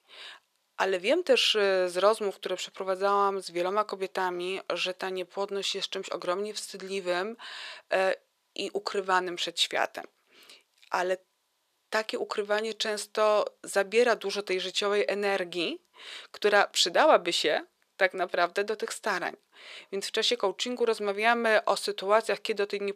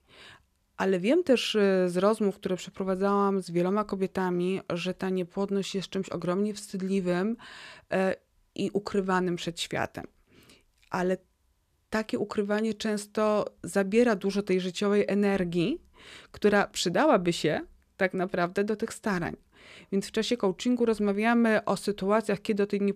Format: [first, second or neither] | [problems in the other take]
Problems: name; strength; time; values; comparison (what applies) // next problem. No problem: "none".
second | thin; very; fading below 600 Hz